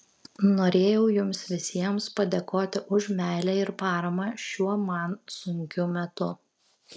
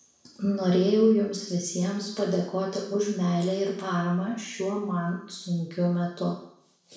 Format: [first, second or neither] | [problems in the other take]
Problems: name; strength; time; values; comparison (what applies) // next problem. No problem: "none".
first | room echo; dies away in 0.6 s